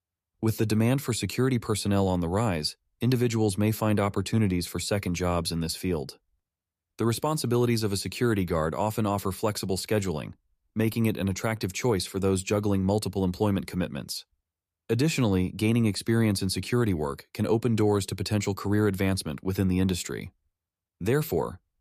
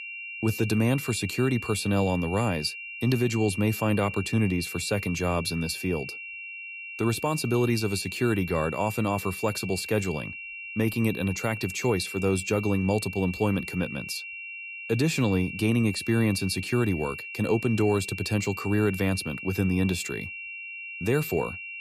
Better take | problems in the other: first | high-pitched whine; loud; throughout; 2.5 kHz, 9 dB below the speech

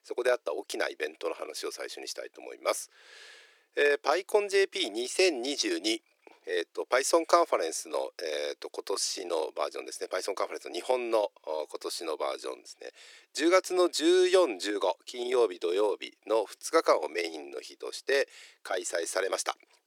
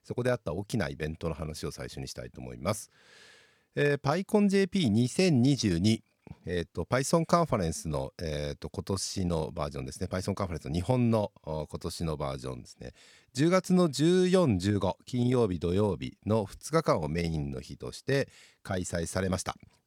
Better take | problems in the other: second | thin; very; fading below 350 Hz

